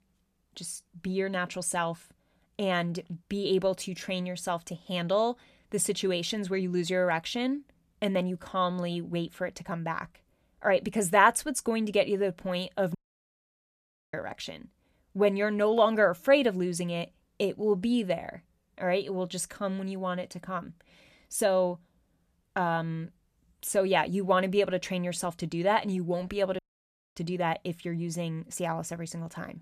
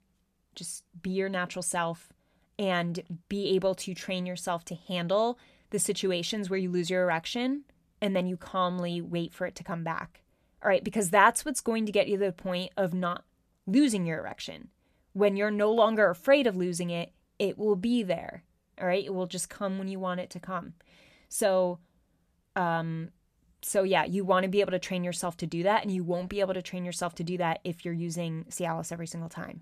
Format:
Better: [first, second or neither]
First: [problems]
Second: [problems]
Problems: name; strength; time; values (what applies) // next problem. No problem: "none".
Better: second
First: audio cutting out; at 13 s for 1 s and at 27 s for 0.5 s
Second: none